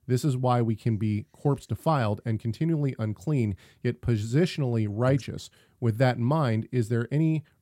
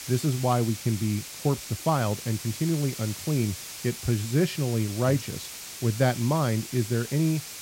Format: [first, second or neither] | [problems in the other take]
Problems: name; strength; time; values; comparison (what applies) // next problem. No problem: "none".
first | hiss; loud; throughout; 10 dB below the speech